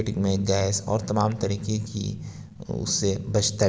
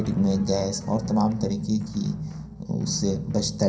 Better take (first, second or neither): first